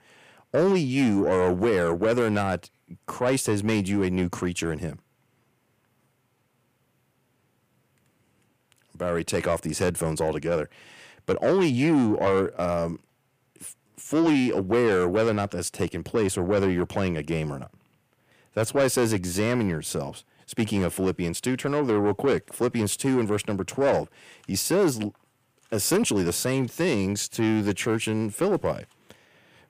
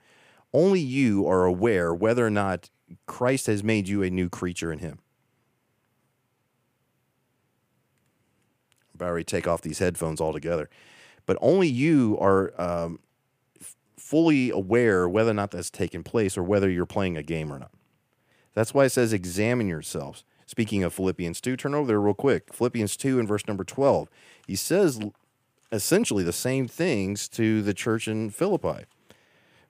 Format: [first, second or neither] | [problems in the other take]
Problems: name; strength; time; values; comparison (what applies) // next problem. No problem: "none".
second | distortion; slight; 10 dB below the speech